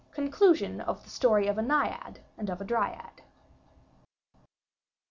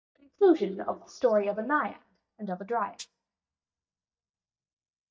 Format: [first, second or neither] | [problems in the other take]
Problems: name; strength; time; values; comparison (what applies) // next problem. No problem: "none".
first | noise reduction (neural mask model DeepFilterNet 3)